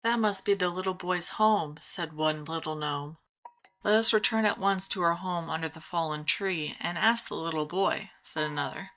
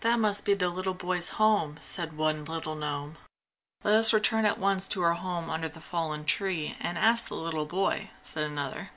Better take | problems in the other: second | noise reduction (neural mask model DeepFilterNet 3)

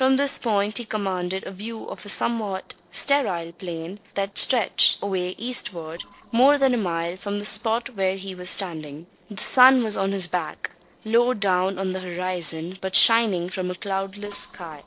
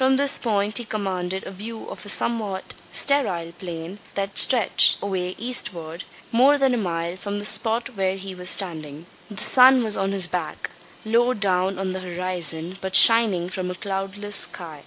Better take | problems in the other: second | noise reduction (neural separator model SepFormer DNS4)

